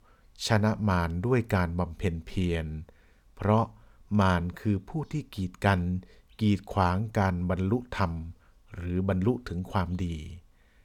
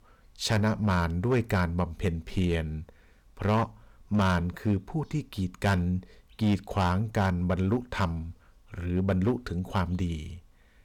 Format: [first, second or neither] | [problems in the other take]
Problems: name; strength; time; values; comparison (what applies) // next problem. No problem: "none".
first | distortion; slight; 5% of the sound clipped